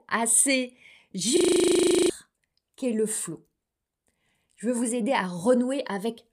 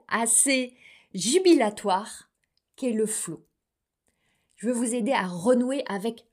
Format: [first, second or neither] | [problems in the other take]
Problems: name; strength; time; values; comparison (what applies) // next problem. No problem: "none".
second | audio freezing; at 1.5 s for 0.5 s